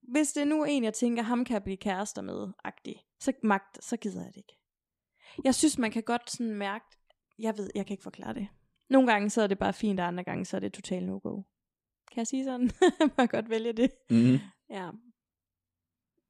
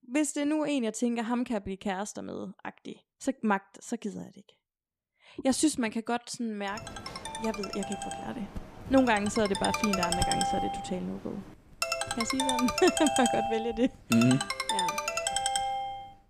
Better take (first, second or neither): first